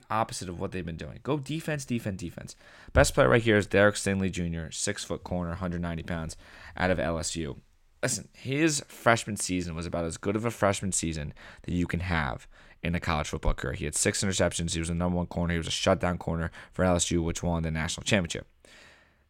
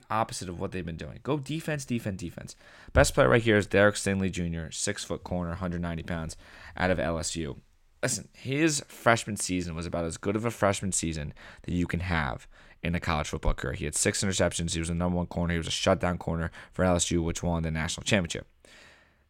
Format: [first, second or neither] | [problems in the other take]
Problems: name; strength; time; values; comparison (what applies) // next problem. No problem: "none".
neither | none